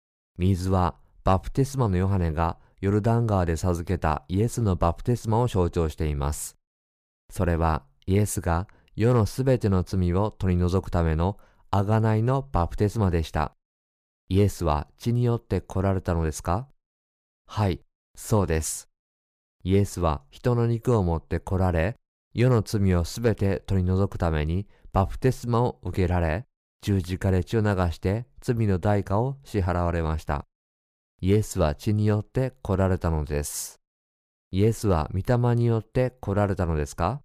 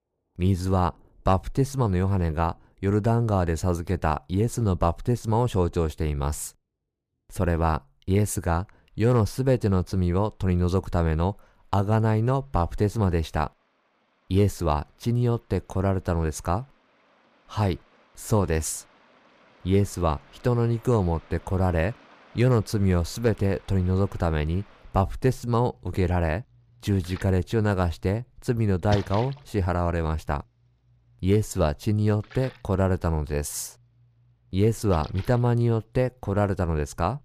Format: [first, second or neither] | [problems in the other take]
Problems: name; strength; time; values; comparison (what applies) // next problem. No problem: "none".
first | rain or running water; faint; throughout; 20 dB below the speech